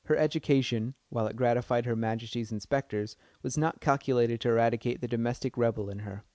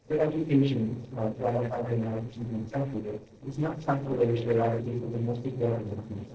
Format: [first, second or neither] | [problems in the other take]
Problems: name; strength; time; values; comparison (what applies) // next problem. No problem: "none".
first | noise reduction (neural separator model SepFormer DNS4)